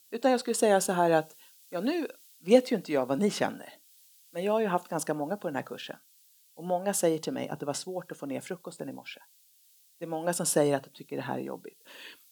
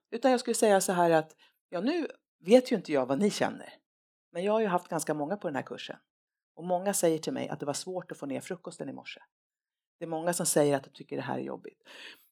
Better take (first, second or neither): second